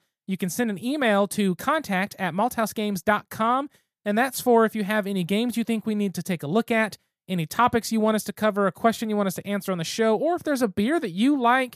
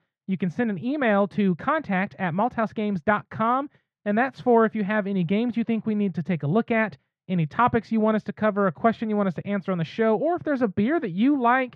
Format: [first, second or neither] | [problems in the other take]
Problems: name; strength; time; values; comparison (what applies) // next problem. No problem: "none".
first | muffled; very; fading above 2.5 kHz